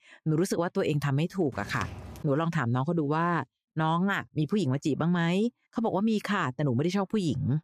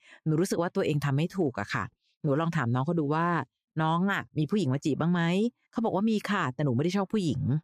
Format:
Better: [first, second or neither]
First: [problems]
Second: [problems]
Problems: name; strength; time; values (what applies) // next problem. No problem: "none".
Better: second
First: footsteps; faint; at 1.5 s; peak 10 dB below the speech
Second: none